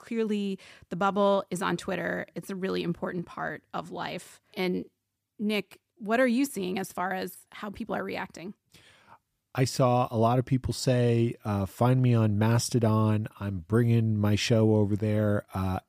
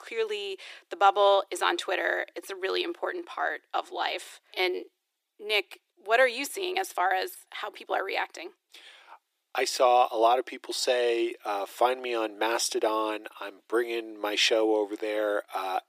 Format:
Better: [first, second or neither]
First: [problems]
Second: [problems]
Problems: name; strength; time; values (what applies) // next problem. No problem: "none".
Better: first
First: none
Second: thin; very; fading below 350 Hz